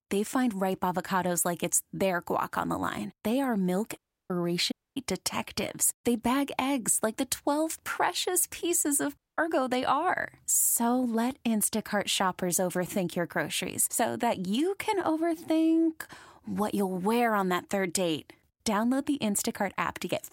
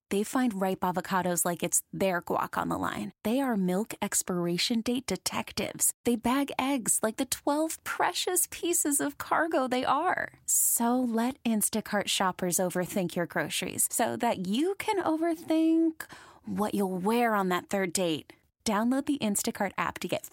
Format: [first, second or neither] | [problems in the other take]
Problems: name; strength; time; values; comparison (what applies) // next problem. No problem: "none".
second | audio cutting out; at 4 s, at 4.5 s and at 9 s